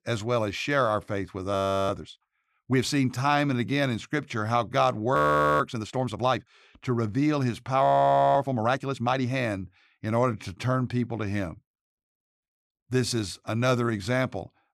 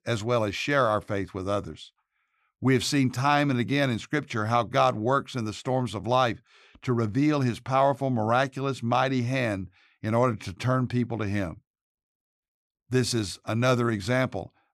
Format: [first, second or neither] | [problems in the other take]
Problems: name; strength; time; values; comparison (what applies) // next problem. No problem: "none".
second | audio freezing; at 1.5 s, at 5 s and at 8 s for 0.5 s